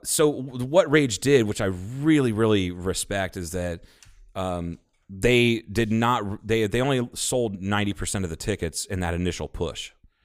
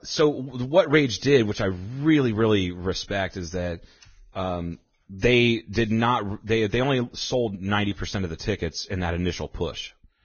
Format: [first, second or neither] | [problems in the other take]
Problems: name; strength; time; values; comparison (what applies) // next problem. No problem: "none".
first | garbled, watery; badly; nothing above 6.5 kHz